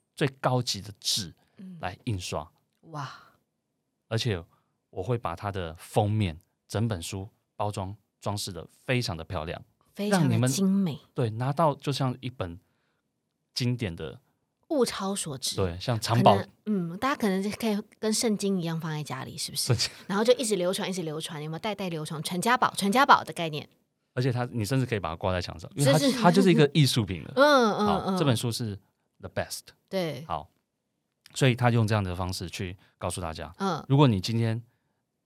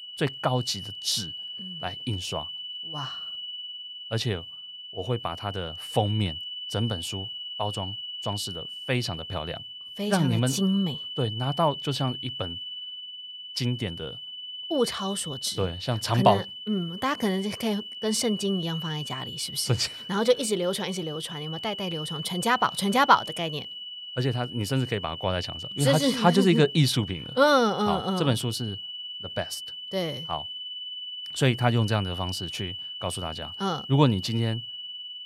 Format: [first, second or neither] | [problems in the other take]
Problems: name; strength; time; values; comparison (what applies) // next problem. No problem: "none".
first | high-pitched whine; loud; throughout; 3 kHz, 8 dB below the speech